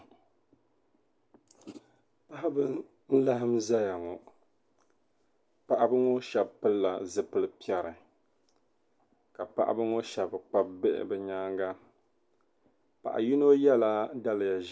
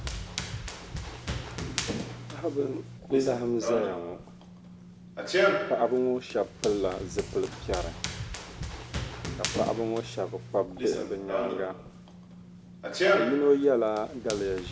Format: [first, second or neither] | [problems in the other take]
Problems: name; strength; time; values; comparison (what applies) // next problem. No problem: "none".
first | background sound (Run); 3 dB below the speech